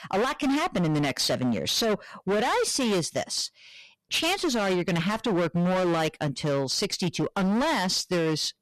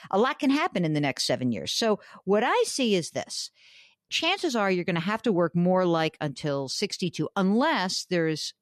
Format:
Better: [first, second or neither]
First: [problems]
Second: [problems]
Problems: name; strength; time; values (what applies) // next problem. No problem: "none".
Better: second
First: distortion; heavy; 25% of the sound clipped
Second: none